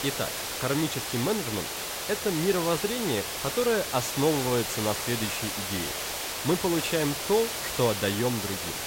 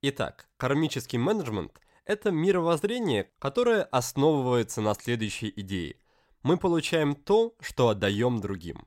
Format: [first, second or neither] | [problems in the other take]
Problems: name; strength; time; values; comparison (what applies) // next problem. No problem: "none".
second | hiss; loud; throughout; 2 dB below the speech